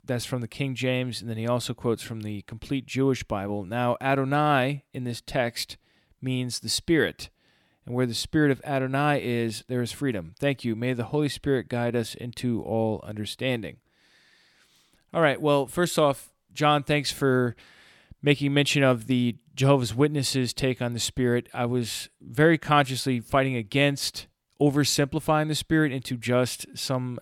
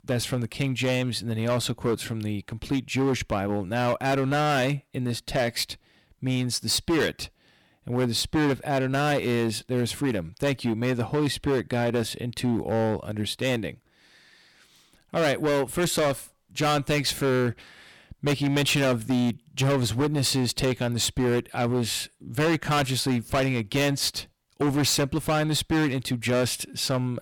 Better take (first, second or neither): first